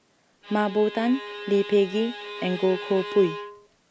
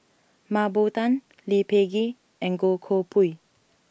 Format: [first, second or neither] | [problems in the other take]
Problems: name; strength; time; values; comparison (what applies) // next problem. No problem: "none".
second | background sound (Bowed string instrument); 12 dB below the speech